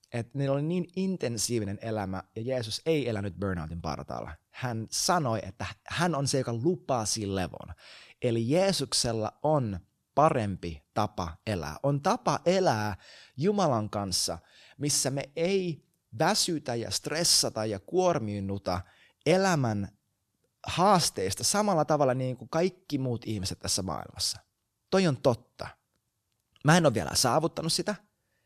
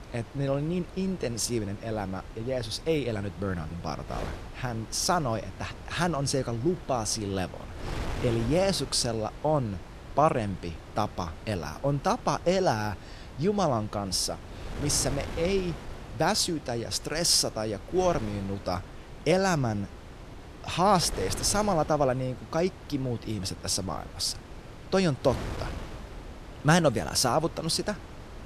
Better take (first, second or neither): first